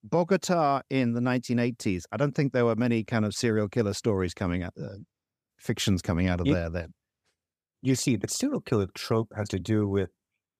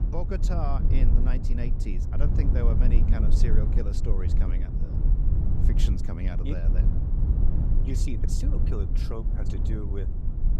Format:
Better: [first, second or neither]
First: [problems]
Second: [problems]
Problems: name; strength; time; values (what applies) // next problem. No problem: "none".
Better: first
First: none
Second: low rumble; loud; throughout; 2 dB below the speech